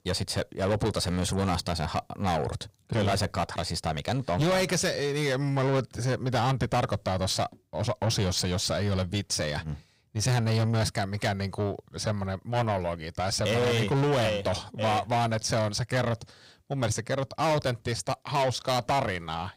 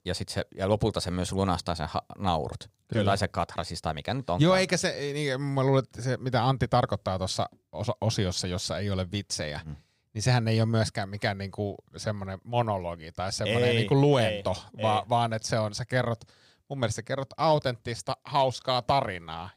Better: second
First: distortion; heavy; 7 dB below the speech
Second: none

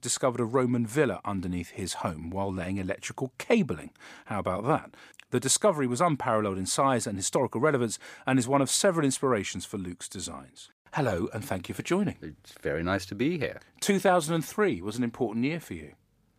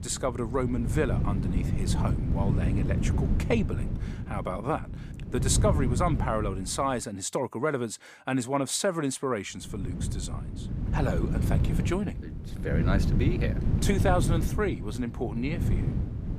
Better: first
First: none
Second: wind noise on the microphone; heavy; until 7 s and from 9.5 s on; 8 dB below the speech

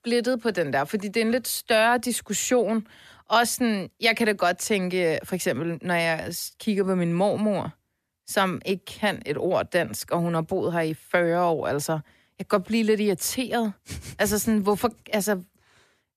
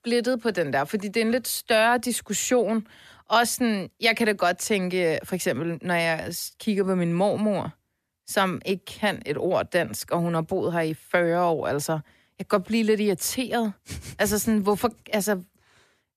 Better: neither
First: none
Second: none

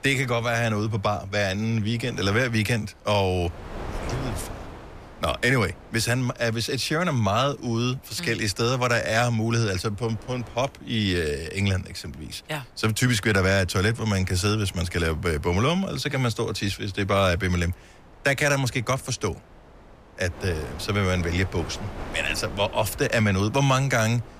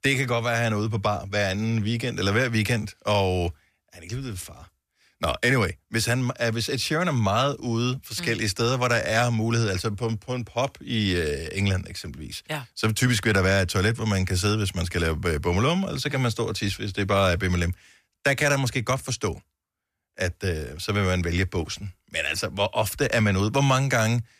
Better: second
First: wind noise on the microphone; occasional gusts; 20 dB below the speech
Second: none

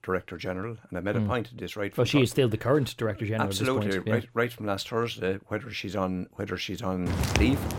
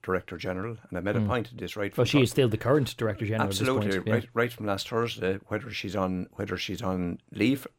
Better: second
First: footsteps; loud; at 7 s; peak 2 dB above the speech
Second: none

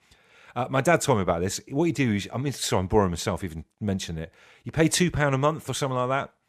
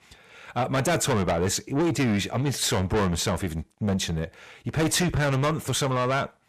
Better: first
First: none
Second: distortion; heavy; 6 dB below the speech

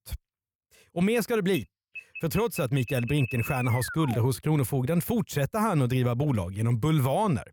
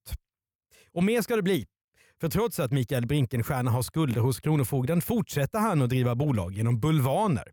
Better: second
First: alarm; noticeable; from 1 to 4.5 s; peak 8 dB below the speech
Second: none

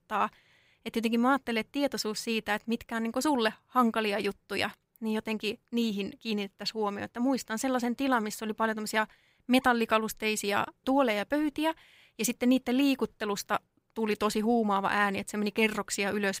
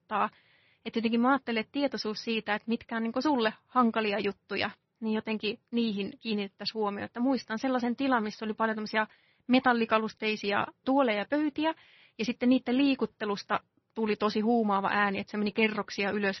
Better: first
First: none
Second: garbled, watery; slightly; nothing above 6 kHz

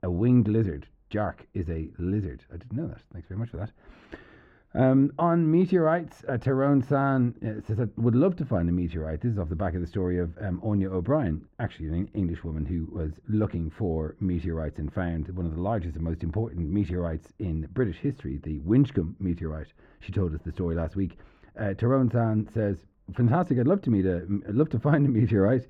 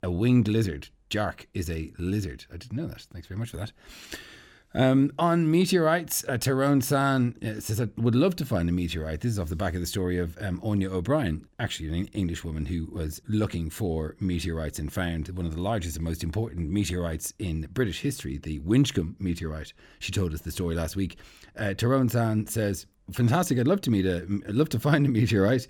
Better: second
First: muffled; very; fading above 3.5 kHz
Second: none

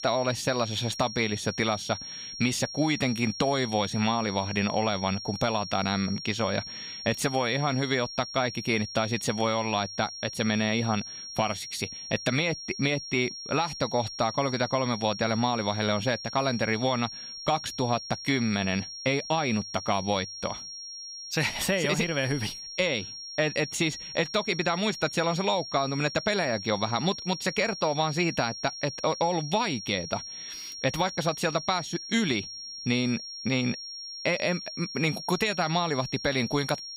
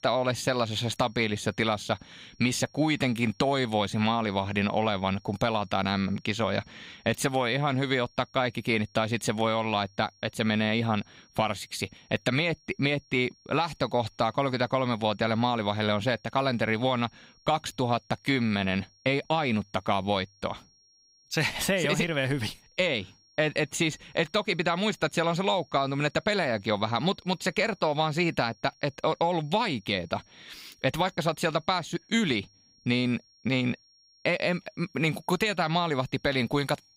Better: second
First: high-pitched whine; loud; throughout; 5.5 kHz, 9 dB below the speech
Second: high-pitched whine; faint; throughout; 5.5 kHz, 30 dB below the speech

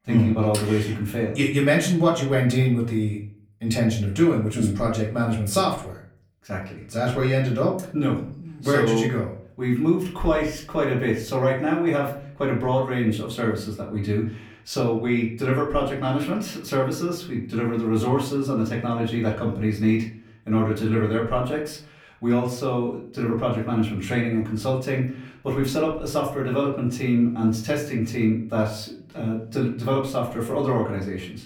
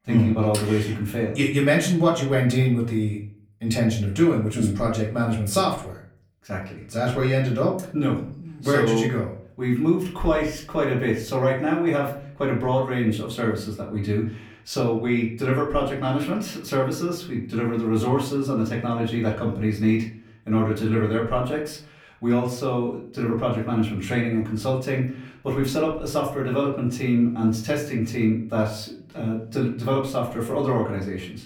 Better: neither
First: off-mic speech; far // room echo; slight; dies away in 0.4 s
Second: off-mic speech; far // room echo; slight; dies away in 0.4 s

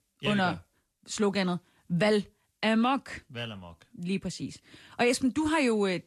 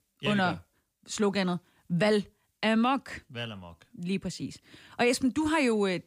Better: second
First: garbled, watery; slightly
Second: none

